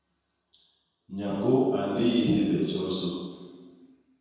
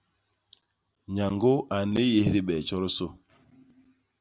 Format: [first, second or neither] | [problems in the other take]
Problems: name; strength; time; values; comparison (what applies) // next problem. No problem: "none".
second | room echo; dies away in 1.2 s